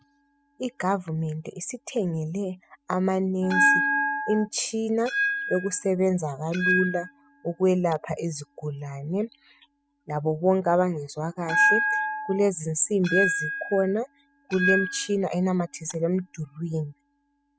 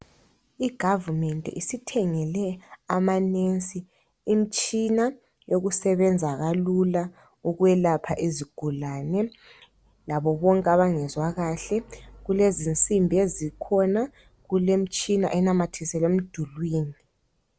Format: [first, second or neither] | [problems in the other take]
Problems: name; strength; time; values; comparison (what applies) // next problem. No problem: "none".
second | noise reduction (classical method spectral subtraction)